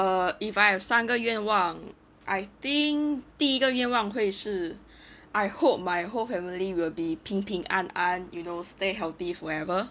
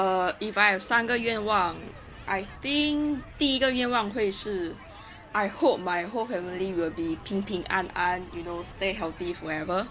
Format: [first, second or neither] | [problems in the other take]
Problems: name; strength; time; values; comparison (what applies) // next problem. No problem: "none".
first | background sound (Explosion + Crowd); 17 dB below the speech